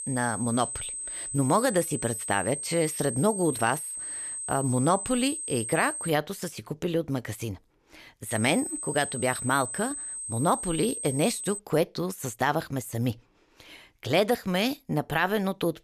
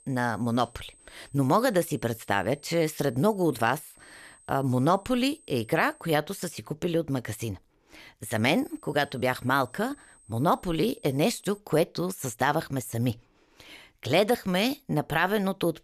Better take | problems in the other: second | high-pitched whine; loud; until 6 s and from 8.5 to 12 s; 8 kHz, 5 dB below the speech; faint in the second

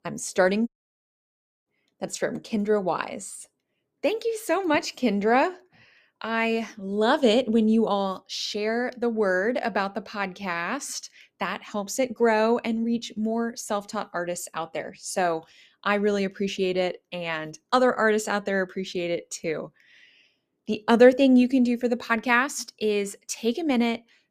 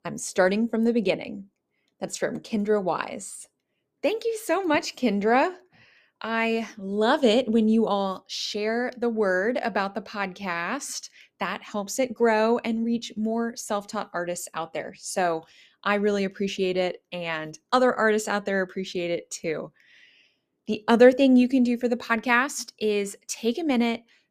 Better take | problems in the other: second | audio cutting out; at 0.5 s for 1 s

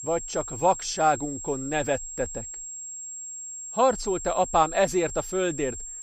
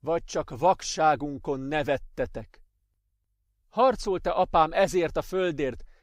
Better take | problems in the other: second | high-pitched whine; loud; throughout; 7.5 kHz, 9 dB below the speech

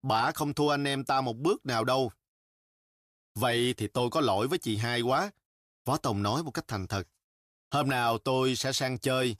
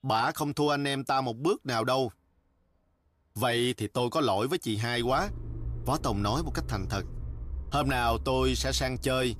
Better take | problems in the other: first | traffic noise; noticeable; throughout; 10 dB below the speech

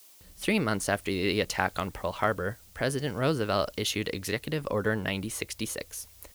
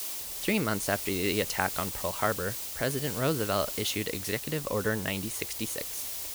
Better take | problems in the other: first | hiss; loud; throughout; 4 dB below the speech; faint in the first

